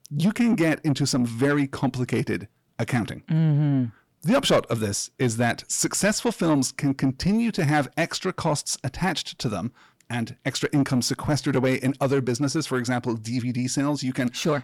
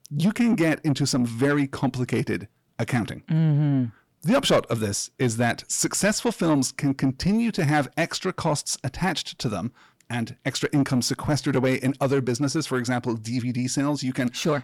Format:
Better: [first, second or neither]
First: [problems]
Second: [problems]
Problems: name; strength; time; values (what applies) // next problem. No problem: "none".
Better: neither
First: distortion; slight; 10 dB below the speech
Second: distortion; slight; 10 dB below the speech